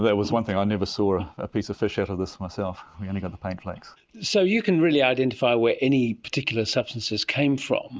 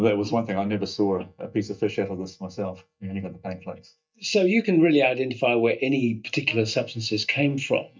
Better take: first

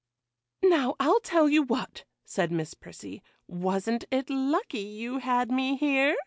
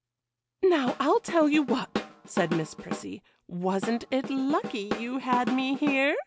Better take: first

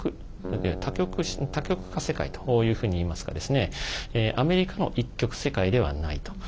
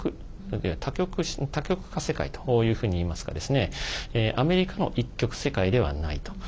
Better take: second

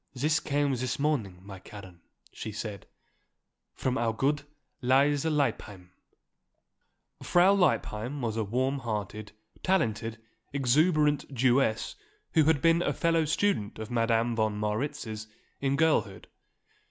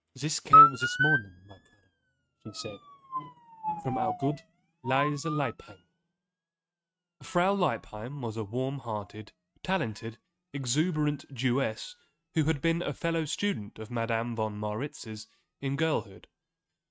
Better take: first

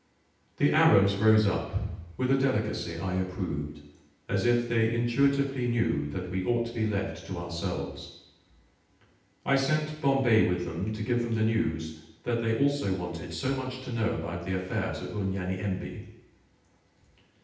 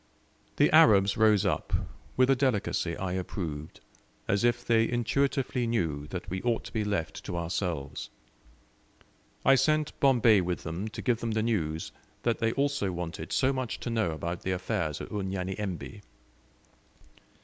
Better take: second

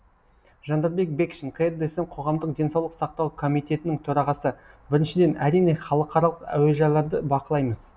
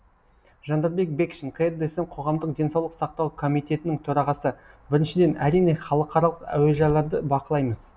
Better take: first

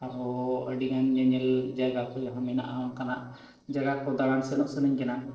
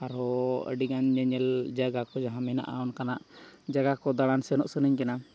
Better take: second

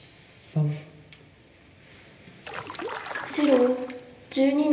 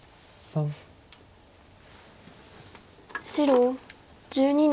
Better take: second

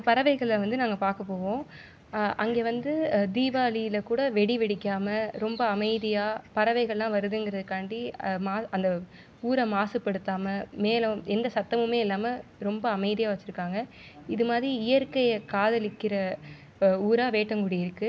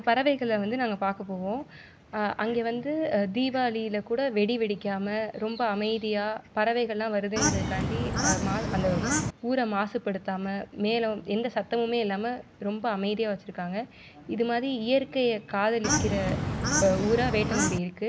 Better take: first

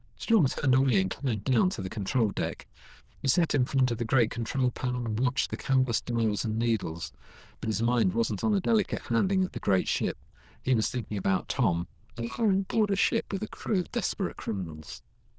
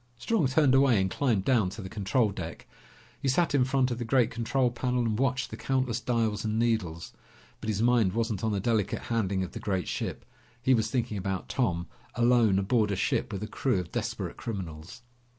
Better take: second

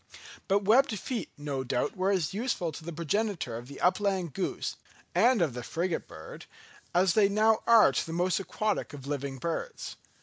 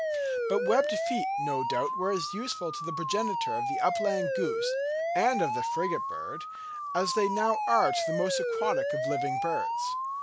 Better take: first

